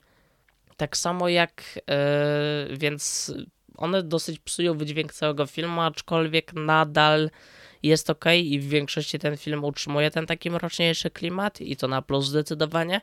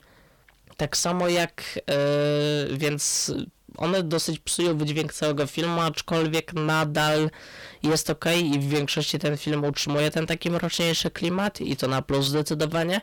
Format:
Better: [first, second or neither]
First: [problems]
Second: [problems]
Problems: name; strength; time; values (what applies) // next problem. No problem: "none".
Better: first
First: none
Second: distortion; heavy; 6 dB below the speech